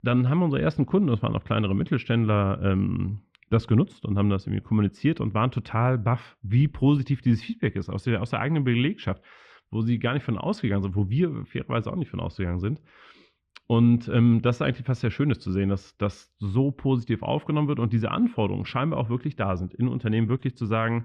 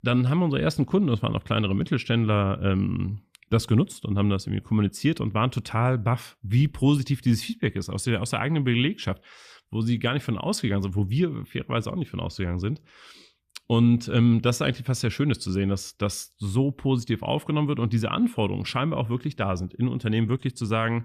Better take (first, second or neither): second